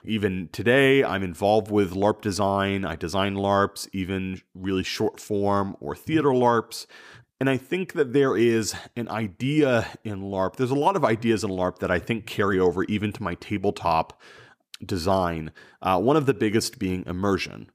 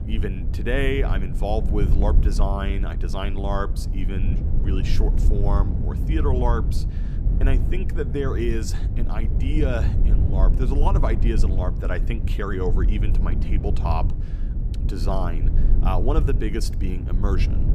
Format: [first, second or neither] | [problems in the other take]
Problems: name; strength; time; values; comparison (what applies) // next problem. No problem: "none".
first | low rumble; loud; throughout; 9 dB below the speech